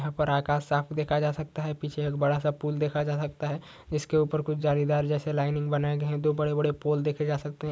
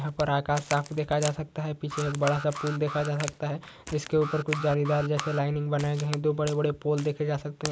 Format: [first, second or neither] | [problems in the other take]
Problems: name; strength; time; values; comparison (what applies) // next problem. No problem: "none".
first | background sound (Alarm + Crack); 12 dB below the speech